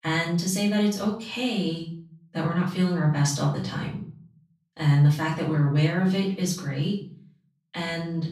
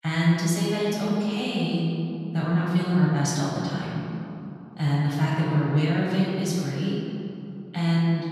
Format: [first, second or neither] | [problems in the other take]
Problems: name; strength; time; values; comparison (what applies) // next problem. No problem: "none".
first | room echo; strong; dies away in 2.6 s; slight in the first // off-mic speech; far; far in the first